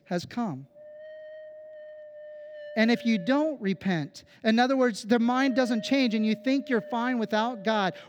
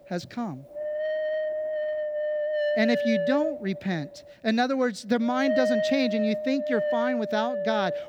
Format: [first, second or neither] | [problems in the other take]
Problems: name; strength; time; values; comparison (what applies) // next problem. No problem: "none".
first | wind noise on the microphone; heavy; 2 dB above the speech; occasional gusts in the first